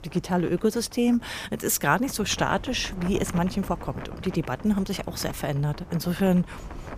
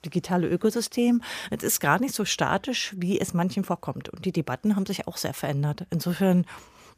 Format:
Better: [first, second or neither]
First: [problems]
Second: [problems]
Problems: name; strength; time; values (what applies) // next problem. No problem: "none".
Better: second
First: wind noise on the microphone; occasional gusts; 15 dB below the speech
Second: none